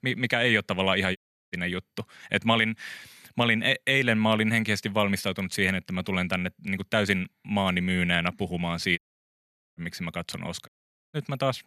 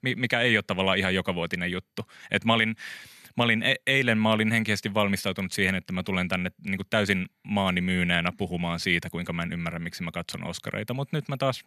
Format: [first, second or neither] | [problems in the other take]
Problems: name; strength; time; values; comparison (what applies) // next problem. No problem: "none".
second | audio cutting out; at 1 s, at 9 s for 1 s and at 11 s